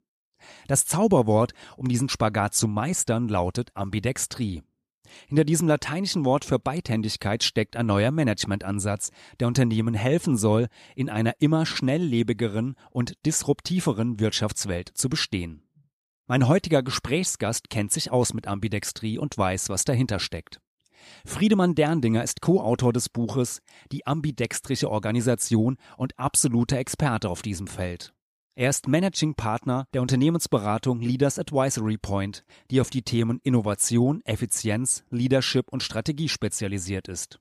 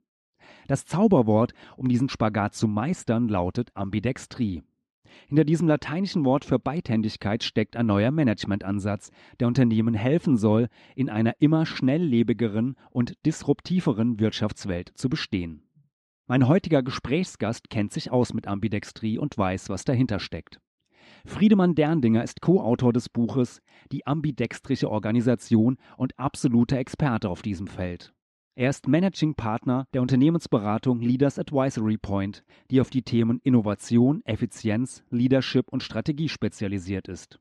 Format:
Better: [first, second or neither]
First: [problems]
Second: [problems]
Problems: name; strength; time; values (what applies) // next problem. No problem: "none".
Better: first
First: none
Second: muffled; slightly; fading above 3.5 kHz